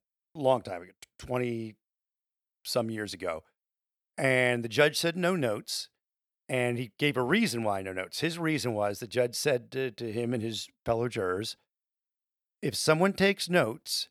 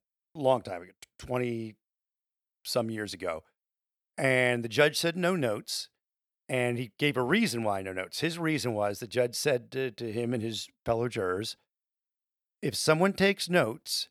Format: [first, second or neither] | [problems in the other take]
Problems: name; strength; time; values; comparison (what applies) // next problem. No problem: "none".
neither | none